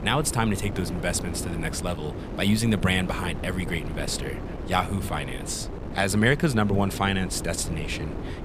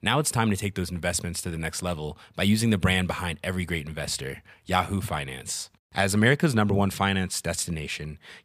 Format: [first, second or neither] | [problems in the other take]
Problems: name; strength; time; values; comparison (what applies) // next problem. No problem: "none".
second | wind noise on the microphone; occasional gusts; 10 dB below the speech